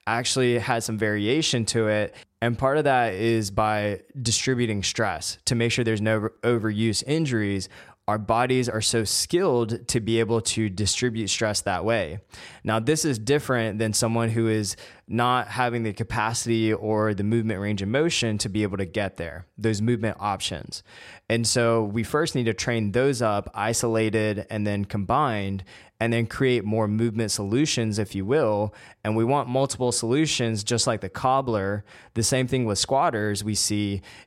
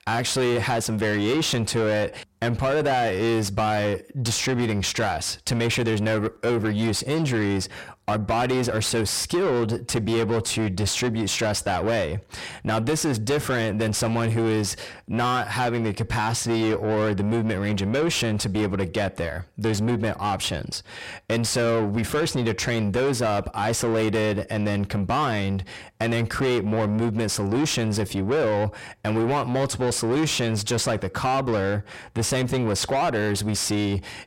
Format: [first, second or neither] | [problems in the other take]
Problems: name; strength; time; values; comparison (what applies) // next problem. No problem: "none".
first | distortion; heavy; 8 dB below the speech